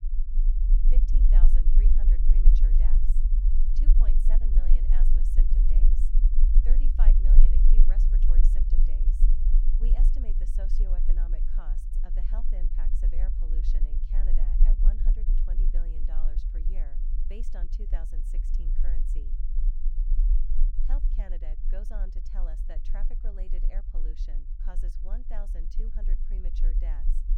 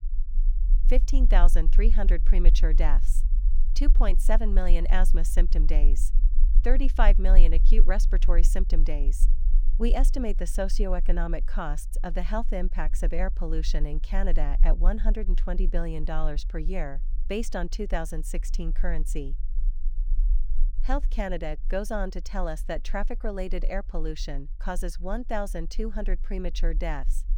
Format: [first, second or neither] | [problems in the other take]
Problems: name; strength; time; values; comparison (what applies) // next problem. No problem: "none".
second | low rumble; loud; throughout; 1 dB below the speech; faint in the second